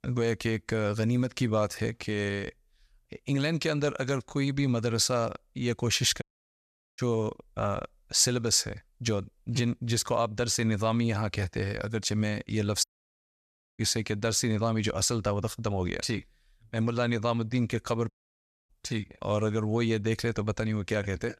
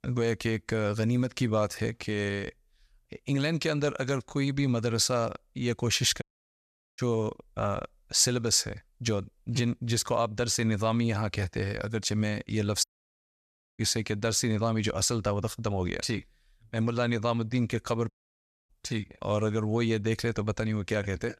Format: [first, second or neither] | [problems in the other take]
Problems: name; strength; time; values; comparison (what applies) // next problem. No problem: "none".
neither | audio cutting out; at 6 s for 1 s, at 13 s for 1 s and at 18 s for 0.5 s; the same in both